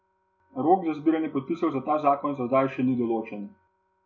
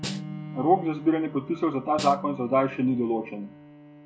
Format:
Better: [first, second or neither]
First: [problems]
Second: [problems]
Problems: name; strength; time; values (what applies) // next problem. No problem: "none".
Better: first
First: none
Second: background sound (Bowed string instrument + Snare drum); 12 dB below the speech